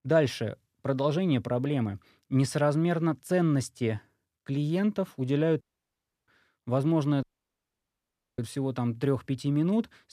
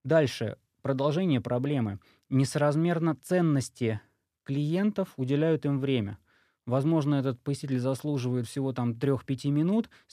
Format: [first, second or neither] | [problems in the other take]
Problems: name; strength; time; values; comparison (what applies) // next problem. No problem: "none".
second | audio cutting out; at 5.5 s for 0.5 s and at 7 s for 1 s